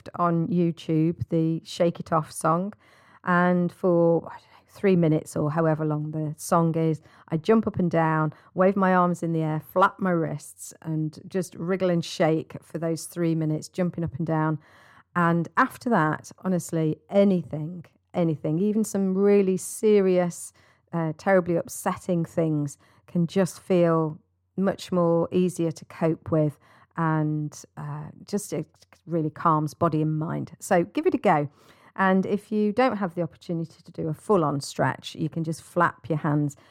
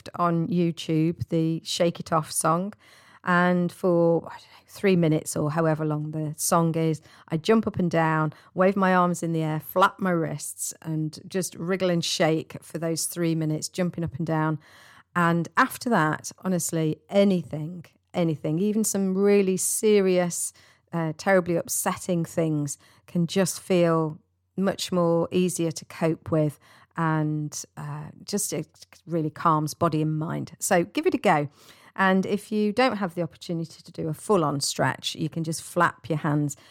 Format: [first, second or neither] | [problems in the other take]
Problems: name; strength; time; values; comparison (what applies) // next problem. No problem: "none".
second | muffled; slightly; fading above 2 kHz